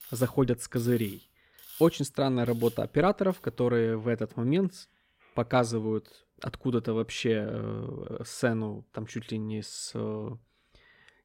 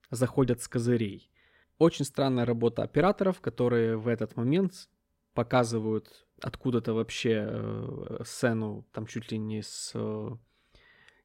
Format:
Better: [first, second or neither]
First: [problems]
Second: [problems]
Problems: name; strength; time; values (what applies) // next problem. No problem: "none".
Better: second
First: machinery noise; noticeable; until 5.5 s; 20 dB below the speech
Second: none